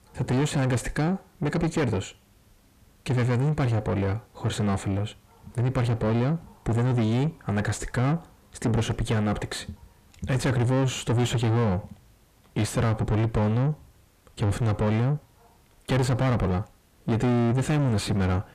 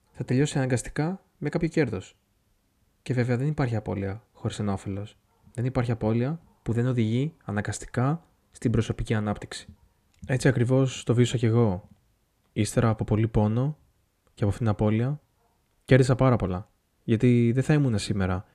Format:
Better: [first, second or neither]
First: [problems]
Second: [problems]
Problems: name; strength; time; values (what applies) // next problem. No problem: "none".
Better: second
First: distortion; heavy; 5 dB below the speech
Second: none